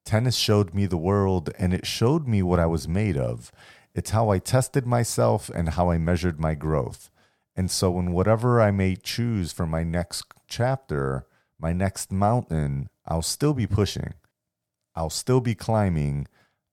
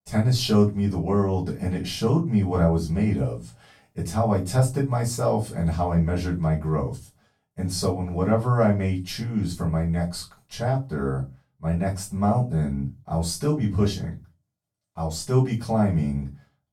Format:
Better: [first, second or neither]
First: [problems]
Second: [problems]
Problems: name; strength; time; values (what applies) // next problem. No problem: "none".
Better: first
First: none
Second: off-mic speech; far // room echo; slight; dies away in 0.2 s